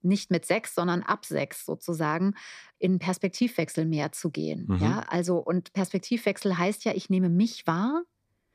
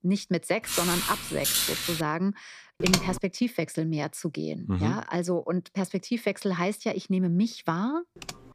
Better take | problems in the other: first | footsteps; loud; from 0.5 to 2 s; peak 5 dB above the speech // keyboard typing; loud; at 3 s; peak 3 dB above the speech // keyboard typing; faint; at 8 s; peak 15 dB below the speech

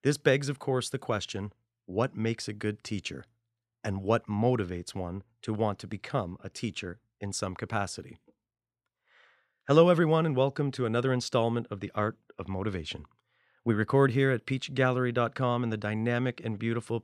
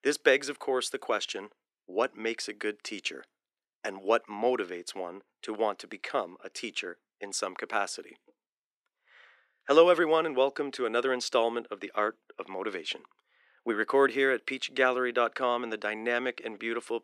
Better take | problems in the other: first | thin; somewhat; fading below 300 Hz

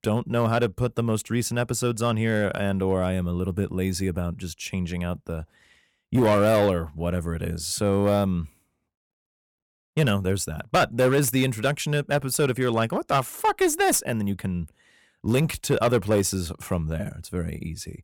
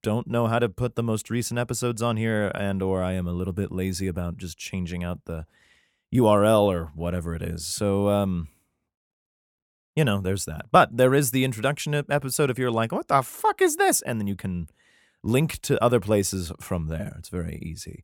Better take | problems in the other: second | distortion; slight; 5% of the sound clipped

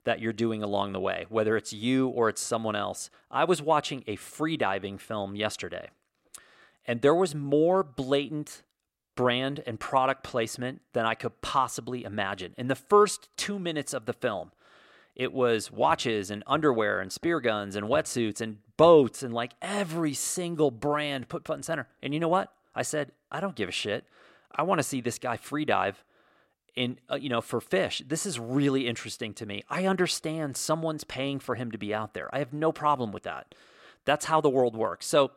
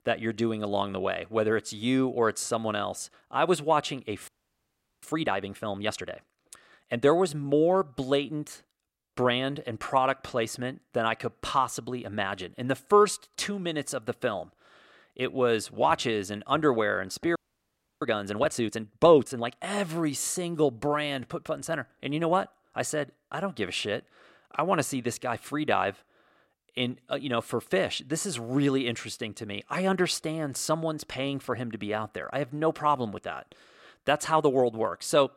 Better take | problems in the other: first | audio freezing; at 4.5 s for 0.5 s and at 17 s for 0.5 s

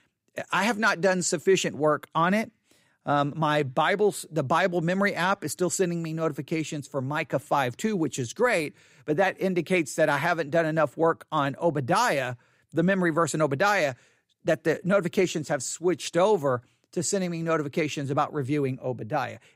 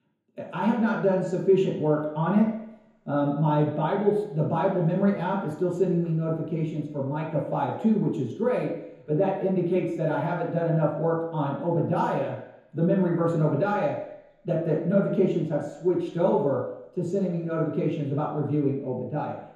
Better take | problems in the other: first | room echo; noticeable; dies away in 3 s // off-mic speech; far

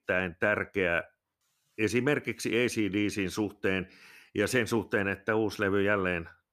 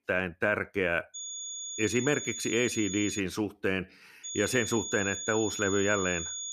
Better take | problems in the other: first | high-pitched whine; loud; from 1 to 3 s and from 4 s on; 6.5 kHz, 6 dB below the speech

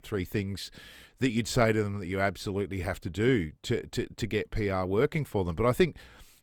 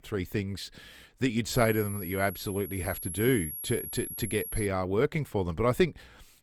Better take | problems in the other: first | high-pitched whine; loud; from 1.5 to 4.5 s; 11.5 kHz, 8 dB below the speech

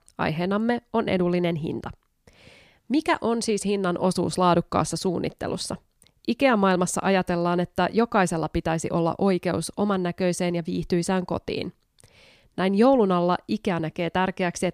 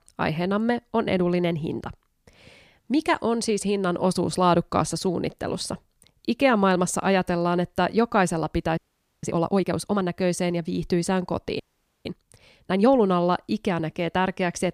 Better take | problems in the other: first | audio freezing; at 9 s and at 12 s

